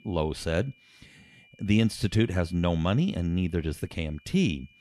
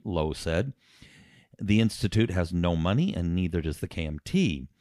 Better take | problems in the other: second | high-pitched whine; faint; throughout; 2.5 kHz, 30 dB below the speech

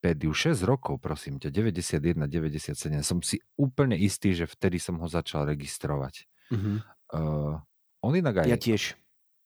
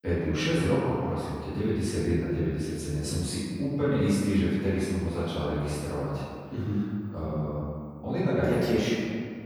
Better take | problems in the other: first | room echo; strong; dies away in 2 s // off-mic speech; far

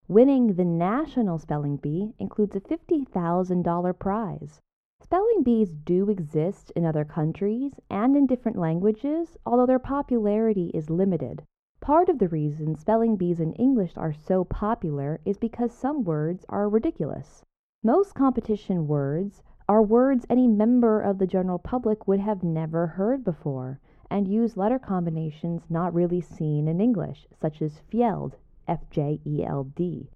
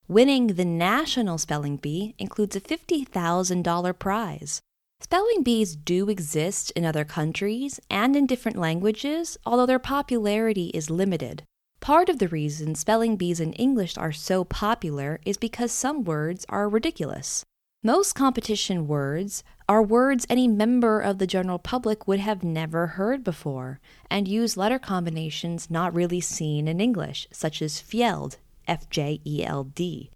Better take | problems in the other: second | muffled; very; fading above 2 kHz

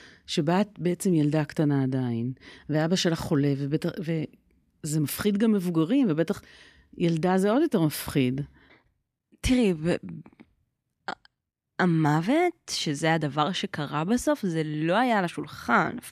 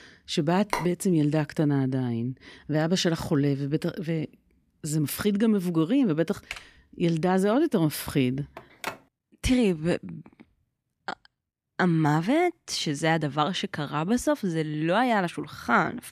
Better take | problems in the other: first | phone ringing; noticeable; at 0.5 s; peak 6 dB below the speech // keyboard typing; faint; at 6.5 s; peak 15 dB below the speech // phone ringing; faint; at 8.5 s; peak 10 dB below the speech

